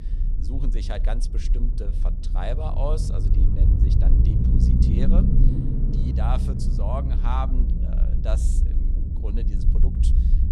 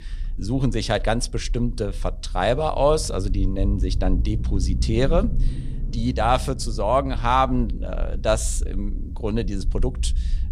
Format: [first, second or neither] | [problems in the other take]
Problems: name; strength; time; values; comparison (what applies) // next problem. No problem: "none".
second | low rumble; loud; throughout; 2 dB below the speech; faint in the second